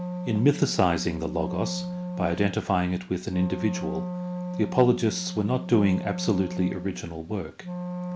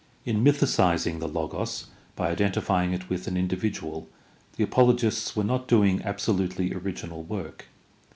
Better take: second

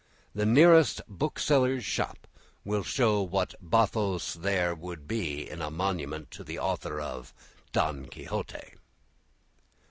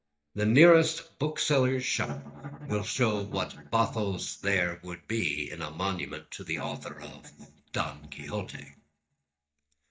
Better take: first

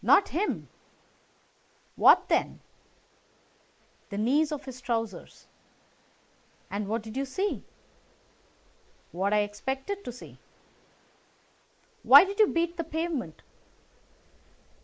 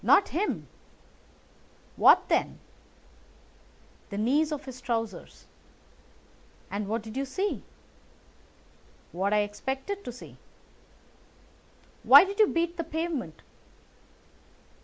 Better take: second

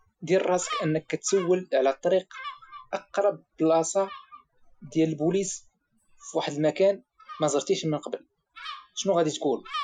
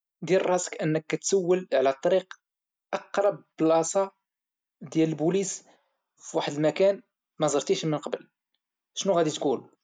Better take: second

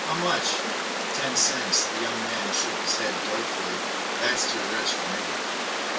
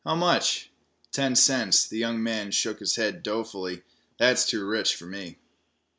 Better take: second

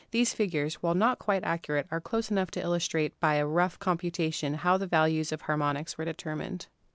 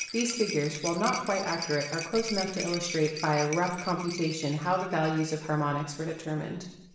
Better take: first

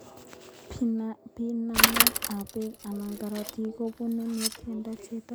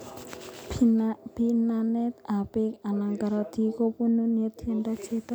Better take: second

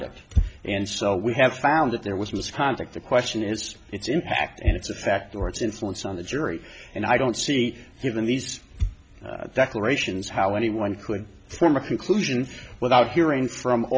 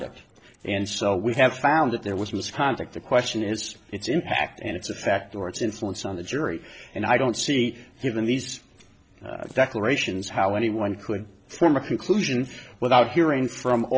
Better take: first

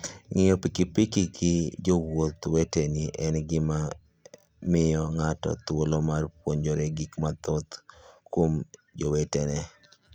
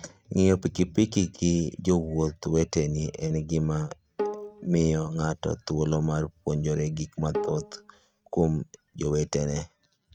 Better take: first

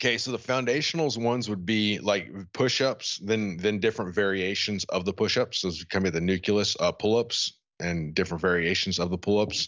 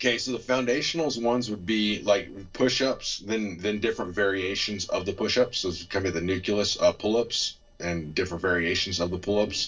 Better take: first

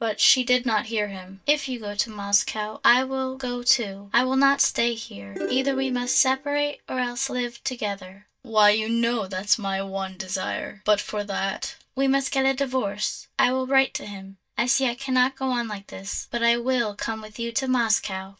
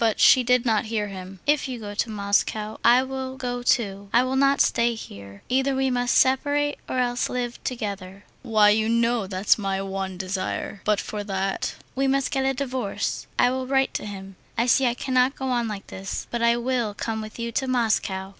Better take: second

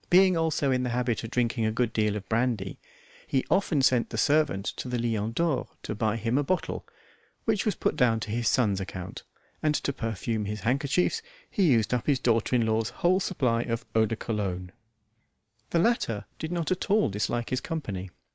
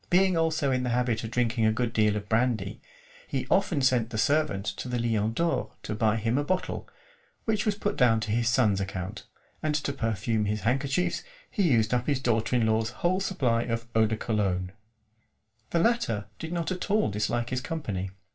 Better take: first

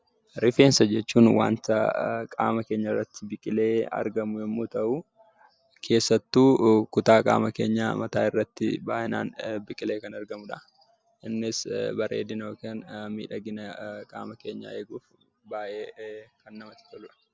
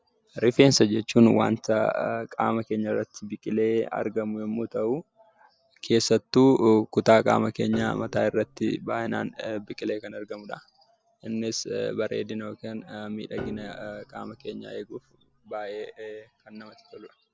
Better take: first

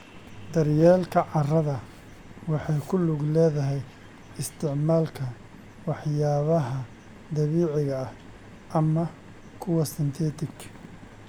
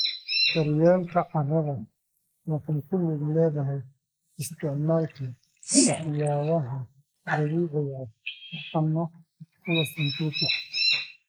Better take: first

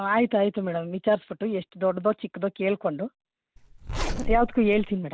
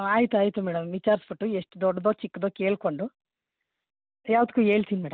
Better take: second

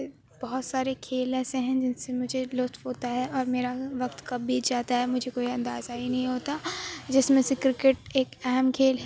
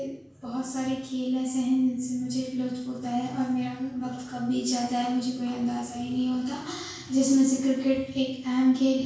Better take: first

